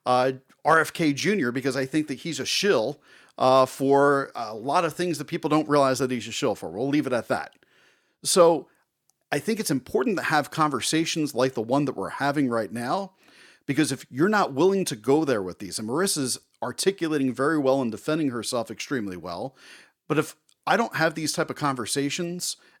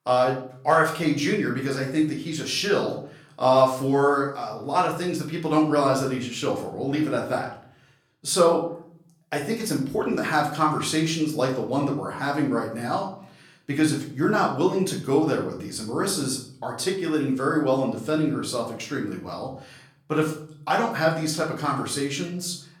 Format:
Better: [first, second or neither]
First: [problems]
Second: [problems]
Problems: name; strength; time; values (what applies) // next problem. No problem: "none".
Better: first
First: none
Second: off-mic speech; far // room echo; slight; dies away in 0.5 s